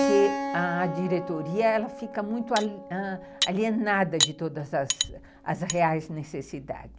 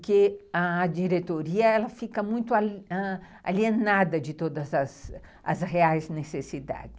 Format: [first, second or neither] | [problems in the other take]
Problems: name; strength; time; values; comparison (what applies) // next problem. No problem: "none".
second | background sound (Cutlery, silverware + Keyboard (musical)); 5 dB below the speech